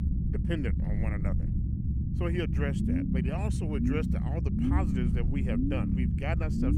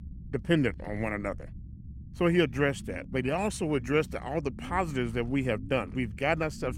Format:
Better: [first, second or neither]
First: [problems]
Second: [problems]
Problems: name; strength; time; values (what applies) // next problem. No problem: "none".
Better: second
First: low rumble; loud; throughout; 1 dB below the speech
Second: low rumble; faint; throughout; 25 dB below the speech